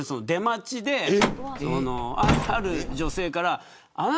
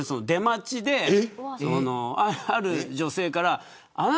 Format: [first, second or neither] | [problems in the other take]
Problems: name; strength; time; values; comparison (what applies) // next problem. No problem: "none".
second | background sound (Truck); 1 dB below the speech